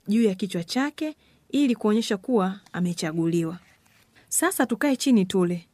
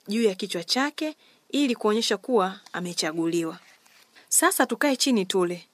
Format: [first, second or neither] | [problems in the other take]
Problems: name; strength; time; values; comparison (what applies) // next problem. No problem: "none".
first | thin; very slightly; fading below 350 Hz